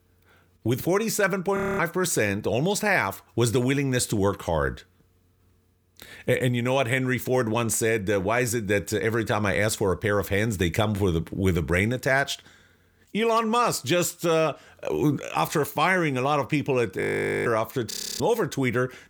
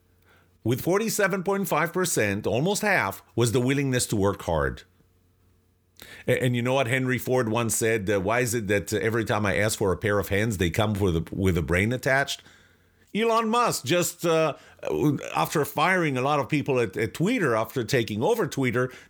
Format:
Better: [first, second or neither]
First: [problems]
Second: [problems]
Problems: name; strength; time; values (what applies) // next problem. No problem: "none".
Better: second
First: audio freezing; at 1.5 s, at 17 s and at 18 s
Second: none